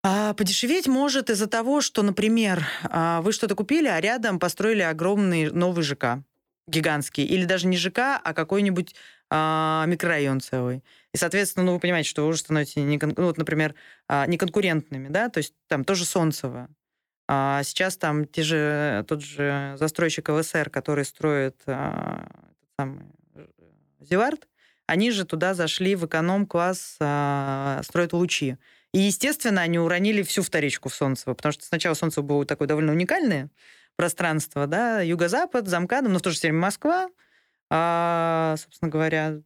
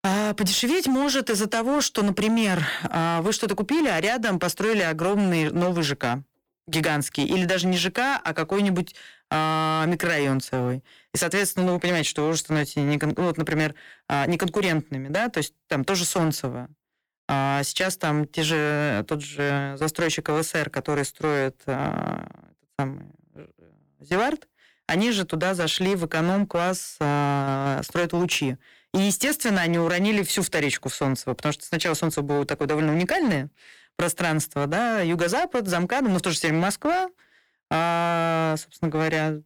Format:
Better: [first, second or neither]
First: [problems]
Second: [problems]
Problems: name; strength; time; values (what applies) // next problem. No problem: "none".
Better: first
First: none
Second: distortion; slight; 15% of the sound clipped